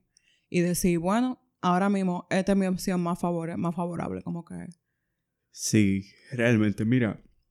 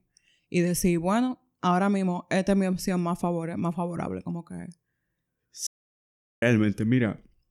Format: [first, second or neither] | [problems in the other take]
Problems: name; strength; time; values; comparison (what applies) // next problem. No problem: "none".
first | audio cutting out; at 5.5 s for 1 s